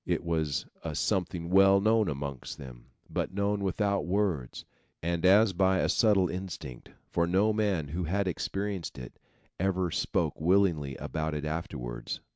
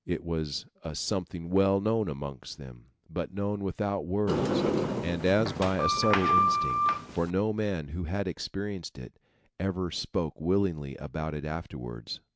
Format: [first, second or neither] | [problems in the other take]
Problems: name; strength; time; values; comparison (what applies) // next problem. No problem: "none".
first | background sound (Sliding door); 3 dB above the speech